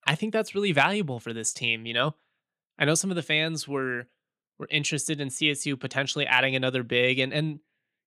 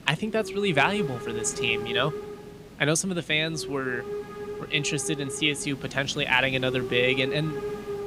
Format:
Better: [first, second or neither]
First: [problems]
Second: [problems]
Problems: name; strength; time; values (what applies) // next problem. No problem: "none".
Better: first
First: none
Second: hiss; loud; throughout; 9 dB below the speech